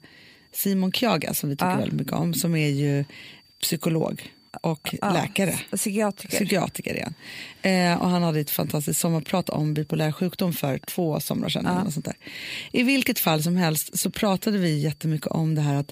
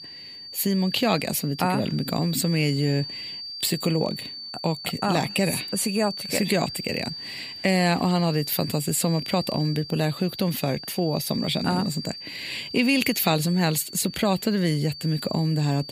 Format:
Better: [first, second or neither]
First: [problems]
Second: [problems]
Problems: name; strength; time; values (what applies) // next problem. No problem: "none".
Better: first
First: high-pitched whine; faint; throughout; 4.5 kHz, 30 dB below the speech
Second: high-pitched whine; loud; throughout; 4.5 kHz, 10 dB below the speech